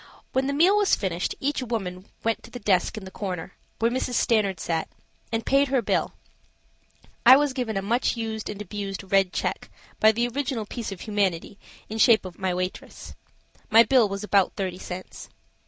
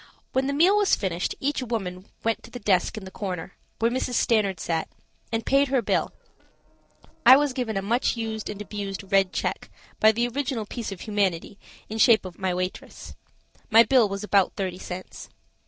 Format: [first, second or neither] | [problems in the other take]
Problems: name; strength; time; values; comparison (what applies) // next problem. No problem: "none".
first | noise reduction (neural separator model SepFormer DNS4)